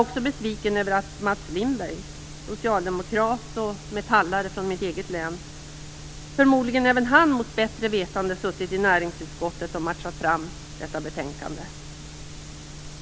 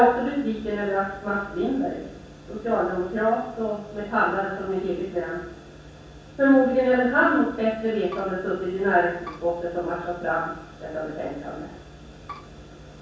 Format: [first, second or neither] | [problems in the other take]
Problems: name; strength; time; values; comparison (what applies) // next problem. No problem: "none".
first | background sound (Bowed string instrument); 17 dB below the speech // room echo; dies away in 0.7 s